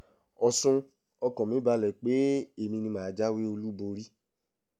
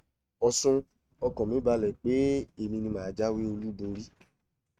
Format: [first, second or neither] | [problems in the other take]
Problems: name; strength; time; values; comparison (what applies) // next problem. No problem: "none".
first | noise reduction (neural mask model RNNoise)